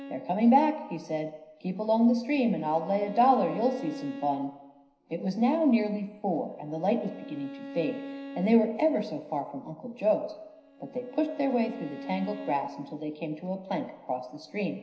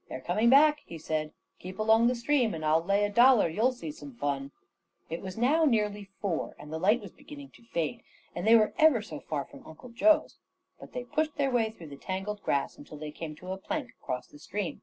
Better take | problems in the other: second | background sound (Bowed string instrument); 16 dB below the speech // room echo; dies away in 0.9 s

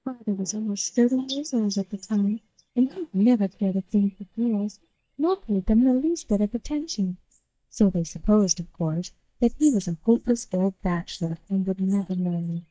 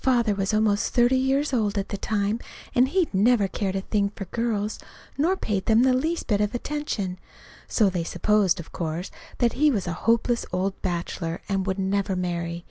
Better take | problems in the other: second | noise reduction (neural mask model DeepFilterNet 3)

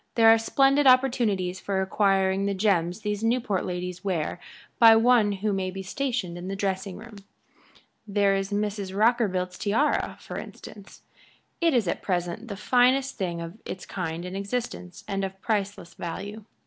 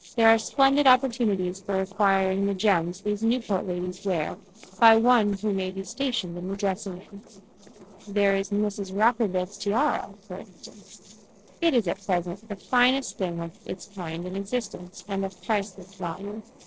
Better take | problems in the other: first | noise reduction (neural separator model SepFormer DNS4)

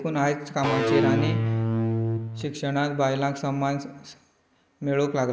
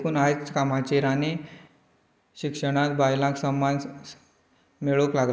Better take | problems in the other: second | background sound (Electric guitar / Bass guitar); 2 dB above the speech

